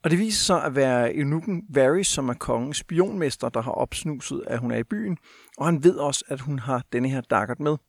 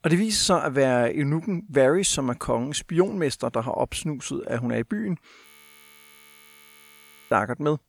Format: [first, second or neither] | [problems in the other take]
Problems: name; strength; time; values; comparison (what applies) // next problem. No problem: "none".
first | audio freezing; at 5.5 s for 2 s